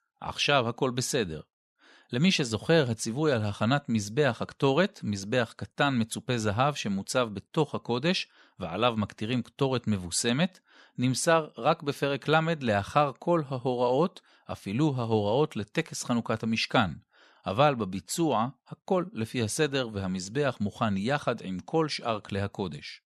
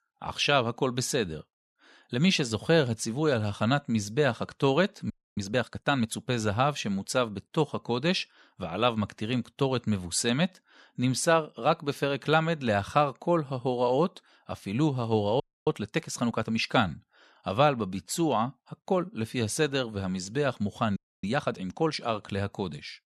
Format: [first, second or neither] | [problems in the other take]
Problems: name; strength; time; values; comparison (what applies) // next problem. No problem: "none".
first | audio freezing; at 5 s, at 15 s and at 21 s